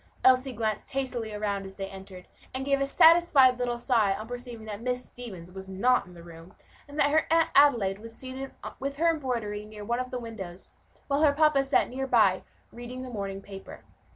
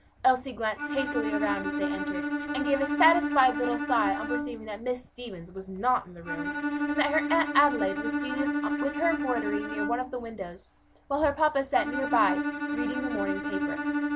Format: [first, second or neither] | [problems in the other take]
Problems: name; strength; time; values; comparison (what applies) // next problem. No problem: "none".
first | background sound (Bowed string instrument); 2 dB below the speech